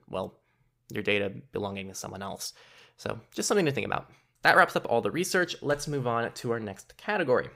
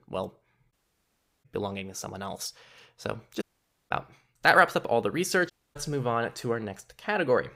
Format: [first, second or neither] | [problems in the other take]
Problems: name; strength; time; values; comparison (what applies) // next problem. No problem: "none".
first | audio cutting out; at 0.5 s for 0.5 s, at 3.5 s and at 5.5 s